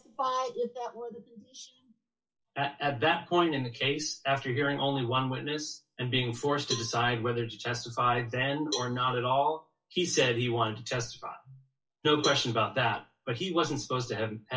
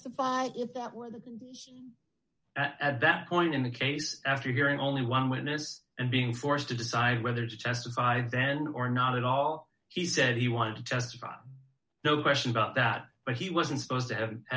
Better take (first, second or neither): second